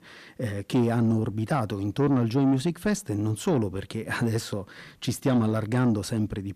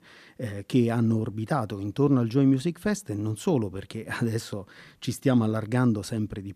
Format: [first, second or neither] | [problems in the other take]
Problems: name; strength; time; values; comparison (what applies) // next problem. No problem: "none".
second | distortion; slight; 10 dB below the speech